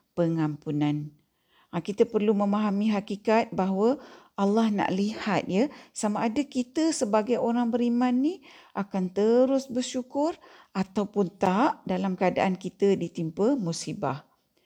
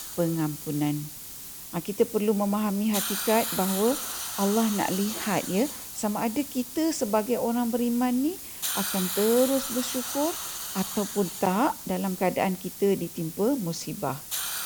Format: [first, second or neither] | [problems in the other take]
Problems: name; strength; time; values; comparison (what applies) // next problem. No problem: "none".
first | hiss; loud; throughout; 5 dB below the speech